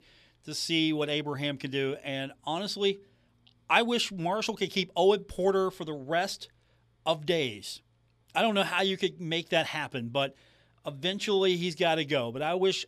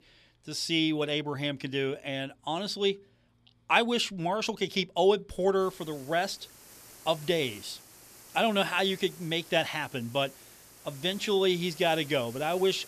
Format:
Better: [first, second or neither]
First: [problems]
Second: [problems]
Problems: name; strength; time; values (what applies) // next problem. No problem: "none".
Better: first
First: none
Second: hiss; noticeable; from 5.5 s on; 20 dB below the speech